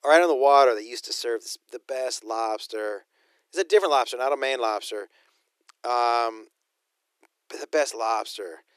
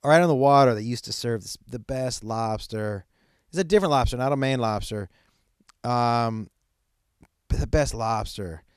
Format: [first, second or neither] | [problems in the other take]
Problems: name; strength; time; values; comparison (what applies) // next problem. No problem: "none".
second | thin; very; fading below 350 Hz